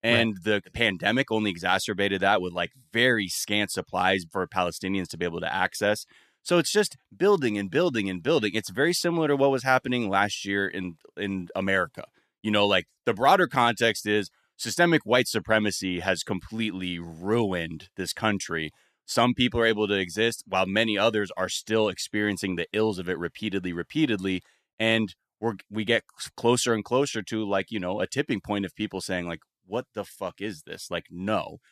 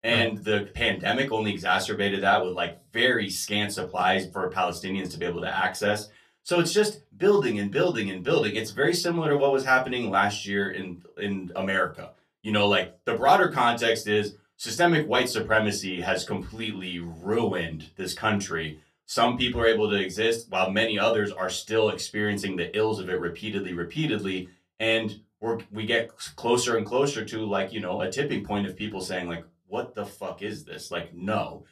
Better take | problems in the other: first | off-mic speech; far // room echo; very slight; dies away in 0.2 s

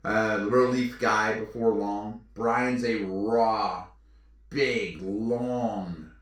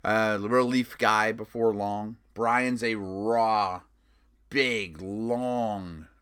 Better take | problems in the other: second | room echo; noticeable; dies away in 0.3 s // off-mic speech; far

